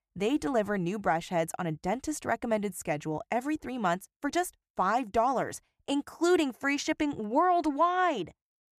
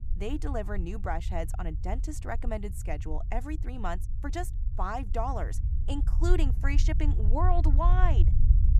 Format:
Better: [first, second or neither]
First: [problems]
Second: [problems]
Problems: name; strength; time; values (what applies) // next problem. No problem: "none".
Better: first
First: none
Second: low rumble; noticeable; throughout; 15 dB below the speech